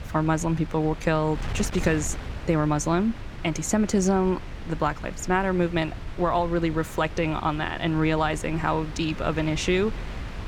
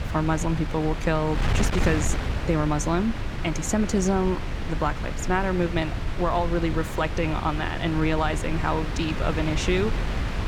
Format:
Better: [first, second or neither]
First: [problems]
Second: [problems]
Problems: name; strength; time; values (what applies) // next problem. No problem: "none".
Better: first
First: wind noise on the microphone; occasional gusts; 15 dB below the speech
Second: wind noise on the microphone; heavy; 7 dB below the speech